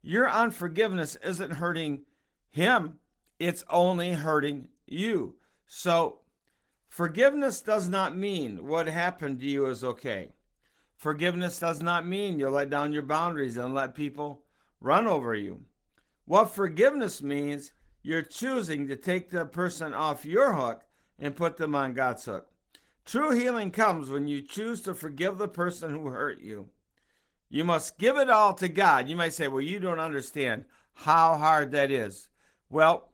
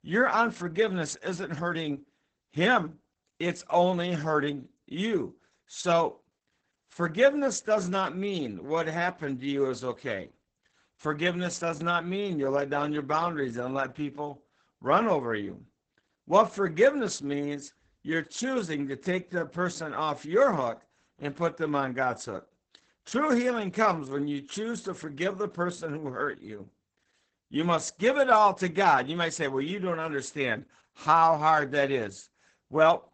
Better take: first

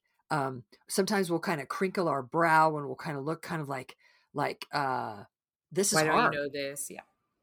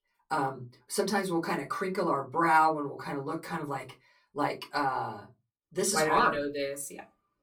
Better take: first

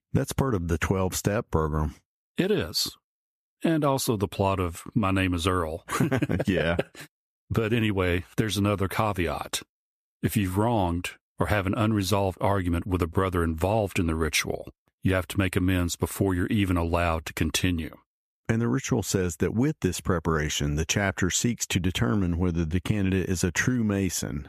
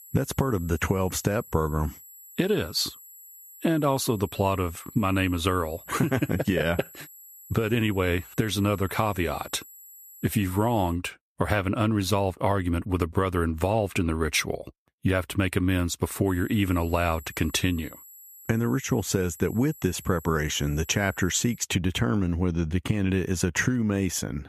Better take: first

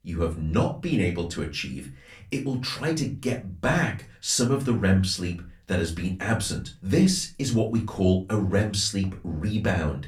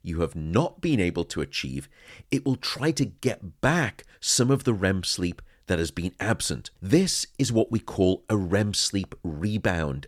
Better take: second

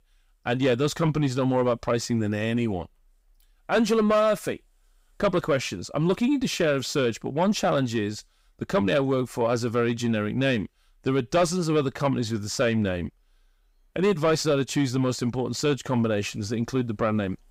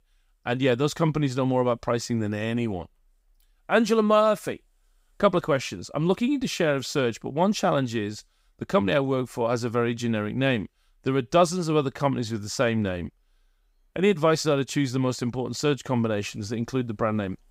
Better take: second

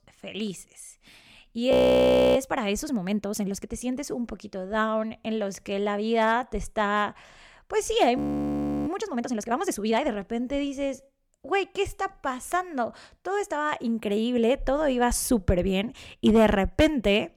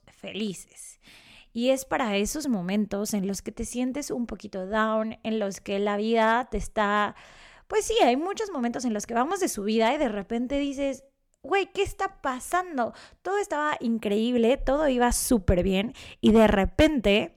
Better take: second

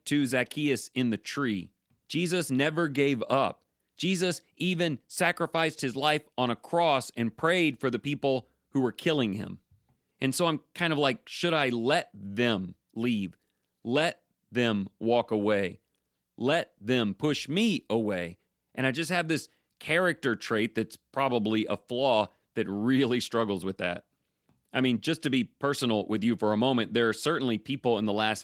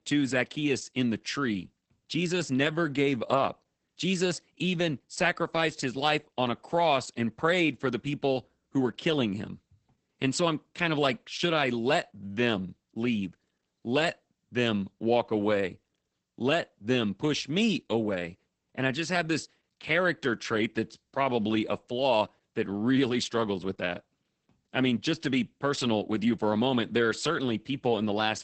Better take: first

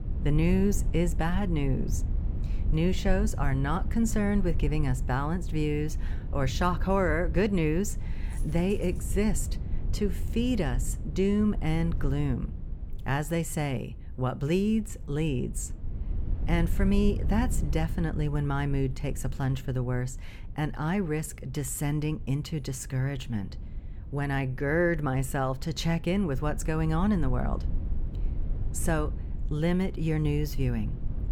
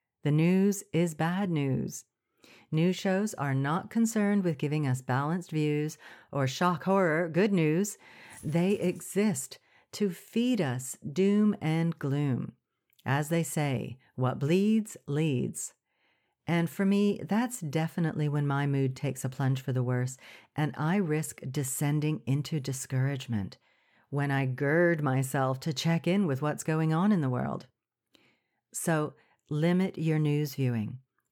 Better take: second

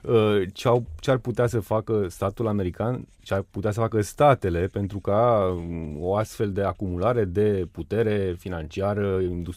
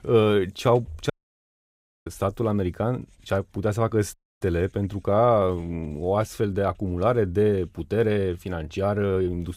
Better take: first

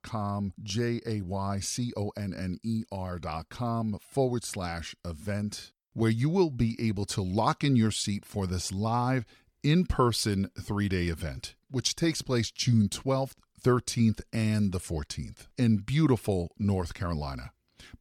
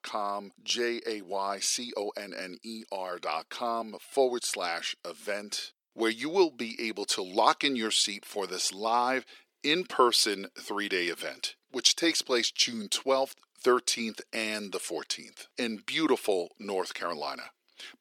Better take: first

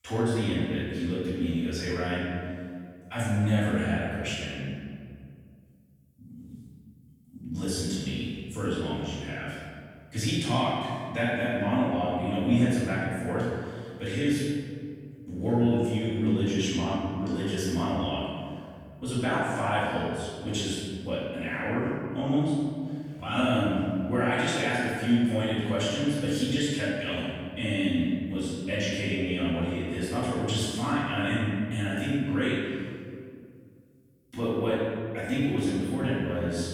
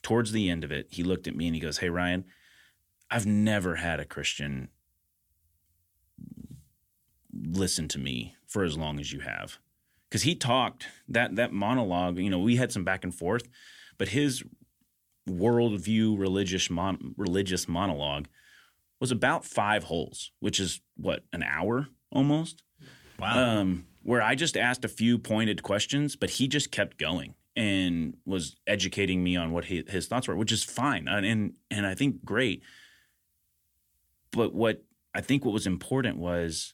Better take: second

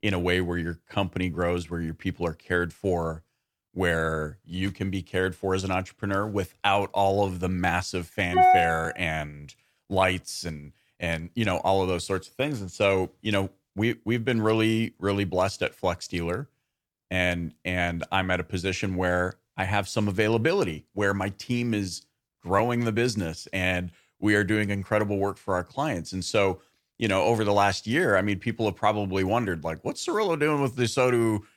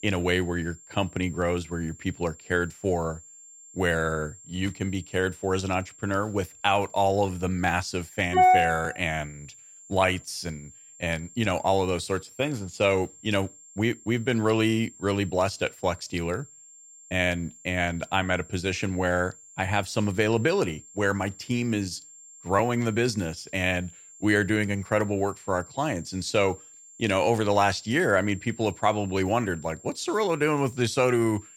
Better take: first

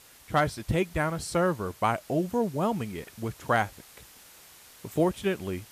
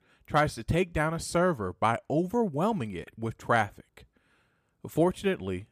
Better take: second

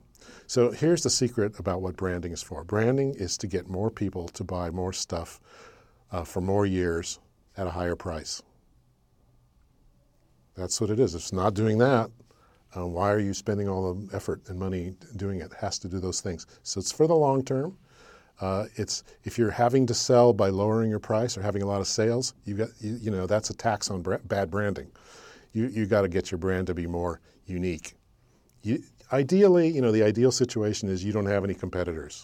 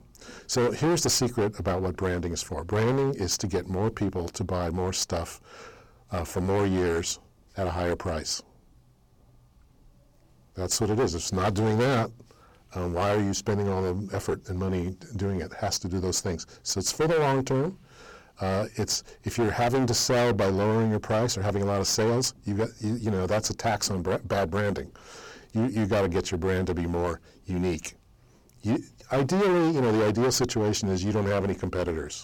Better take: first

